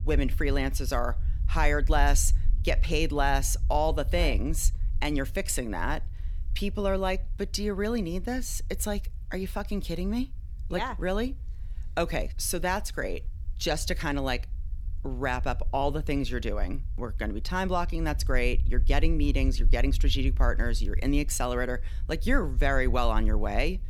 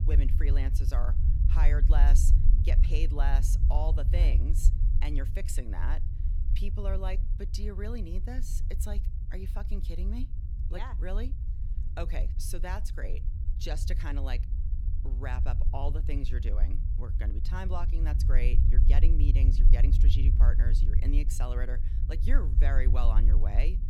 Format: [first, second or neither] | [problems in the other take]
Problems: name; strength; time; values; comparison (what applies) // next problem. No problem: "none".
first | low rumble; loud; throughout; 7 dB below the speech; faint in the first